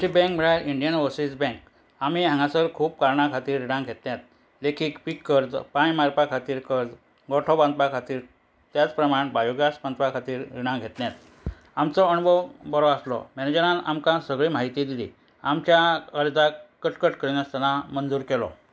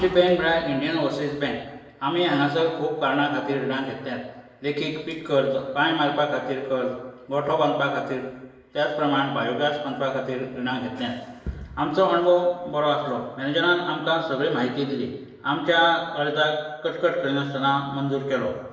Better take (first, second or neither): first